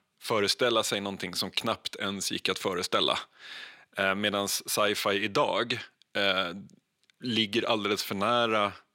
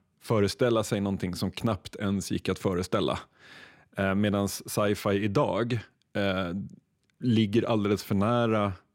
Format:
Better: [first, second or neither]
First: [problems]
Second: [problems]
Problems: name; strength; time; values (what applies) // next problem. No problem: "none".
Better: second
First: thin; somewhat; fading below 850 Hz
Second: none